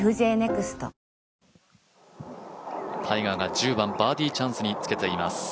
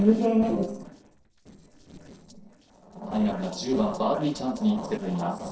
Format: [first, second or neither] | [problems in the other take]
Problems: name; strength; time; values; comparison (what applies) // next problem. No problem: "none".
first | noise reduction (neural separator model SepFormer DNS4)